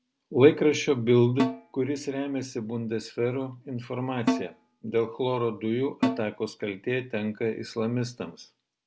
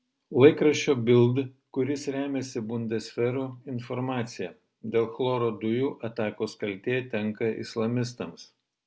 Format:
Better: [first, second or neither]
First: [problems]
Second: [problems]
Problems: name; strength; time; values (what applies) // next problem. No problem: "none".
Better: second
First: background sound (Snare drum); 5 dB below the speech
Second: none